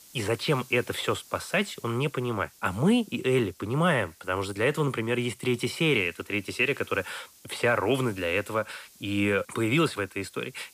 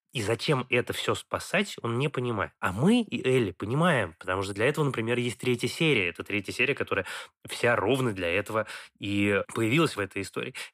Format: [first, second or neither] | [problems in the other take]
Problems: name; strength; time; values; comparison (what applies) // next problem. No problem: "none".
second | hiss; faint; throughout; 25 dB below the speech